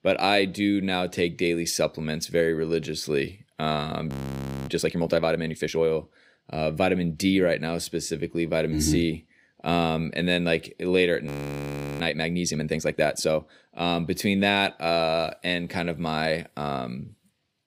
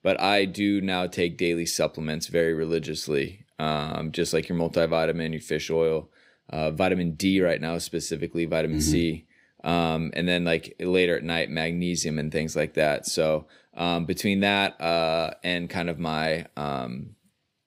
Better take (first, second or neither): second